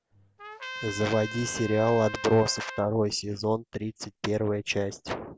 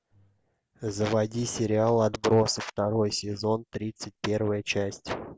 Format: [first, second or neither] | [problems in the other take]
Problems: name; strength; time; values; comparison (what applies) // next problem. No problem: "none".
second | background sound (Trumpet); 12 dB below the speech